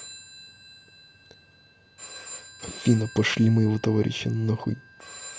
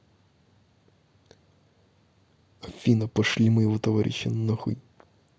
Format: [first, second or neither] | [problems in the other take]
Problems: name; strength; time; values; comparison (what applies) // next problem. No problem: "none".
second | background sound (Telephone); 17 dB below the speech